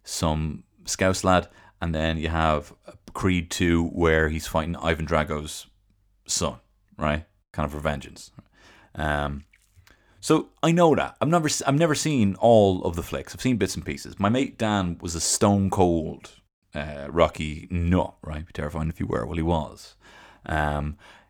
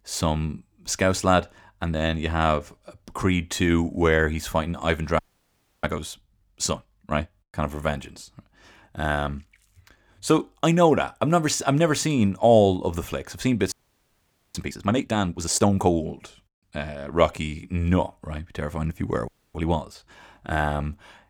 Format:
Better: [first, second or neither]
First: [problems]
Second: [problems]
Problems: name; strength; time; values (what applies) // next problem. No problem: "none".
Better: first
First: none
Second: audio freezing; at 5 s for 0.5 s, at 14 s for 1 s and at 19 s